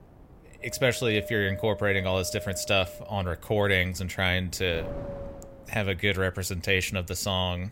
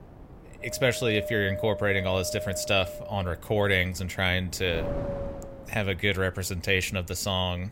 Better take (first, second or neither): first